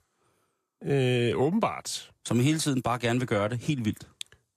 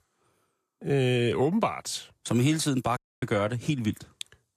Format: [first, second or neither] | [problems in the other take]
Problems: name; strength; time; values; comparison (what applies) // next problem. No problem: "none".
first | audio cutting out; at 3 s